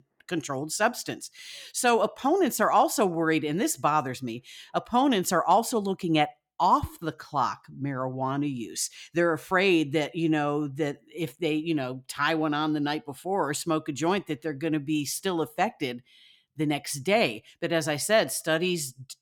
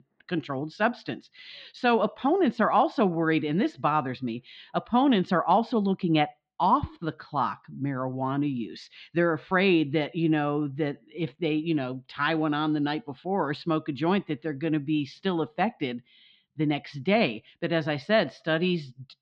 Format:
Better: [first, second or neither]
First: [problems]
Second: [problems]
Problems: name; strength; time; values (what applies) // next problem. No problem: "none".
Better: first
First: none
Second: muffled; slightly; fading above 4 kHz